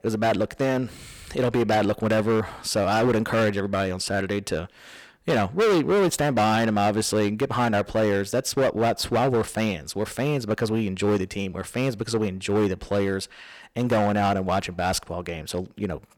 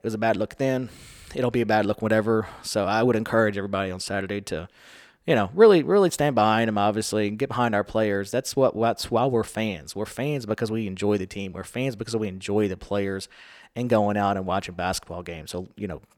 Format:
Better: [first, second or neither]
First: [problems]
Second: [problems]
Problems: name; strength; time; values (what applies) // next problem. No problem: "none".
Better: second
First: distortion; heavy; 11% of the sound clipped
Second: none